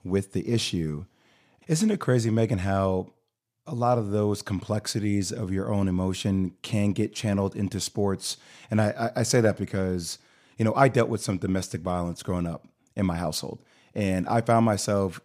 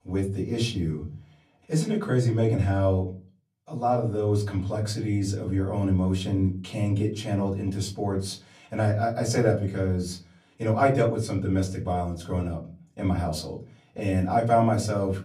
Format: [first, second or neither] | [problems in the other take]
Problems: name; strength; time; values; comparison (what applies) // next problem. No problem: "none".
first | off-mic speech; far // room echo; very slight; dies away in 0.4 s